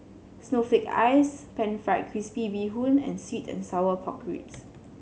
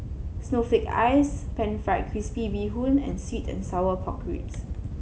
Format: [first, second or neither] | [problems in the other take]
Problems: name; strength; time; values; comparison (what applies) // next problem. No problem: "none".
first | background sound (Wind / Boat, Water vehicle); 6 dB below the speech